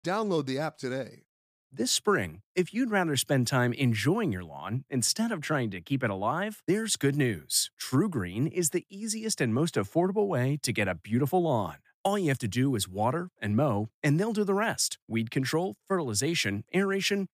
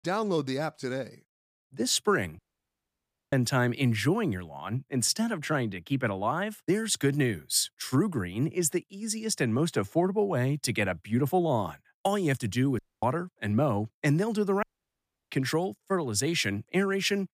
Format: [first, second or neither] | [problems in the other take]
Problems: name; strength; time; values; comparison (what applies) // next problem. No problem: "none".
first | audio cutting out; at 2.5 s for 1 s, at 13 s and at 15 s for 0.5 s